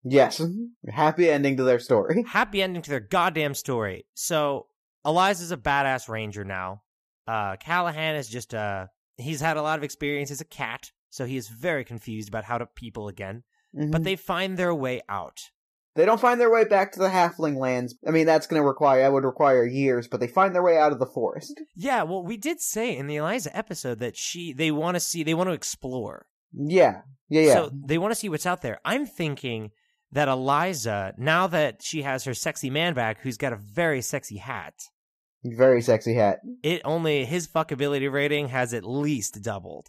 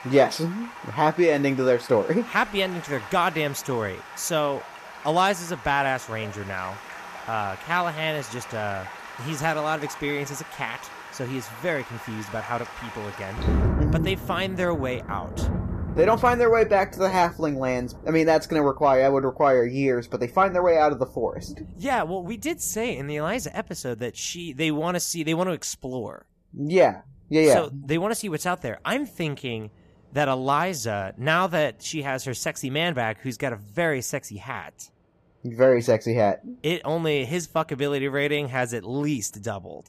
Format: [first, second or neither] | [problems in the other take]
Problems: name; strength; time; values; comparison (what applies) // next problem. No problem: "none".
first | rain or running water; noticeable; throughout; 10 dB below the speech